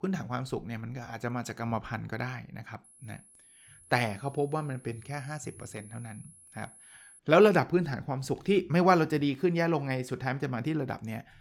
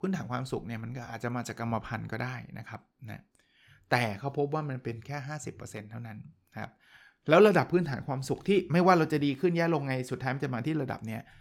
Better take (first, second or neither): second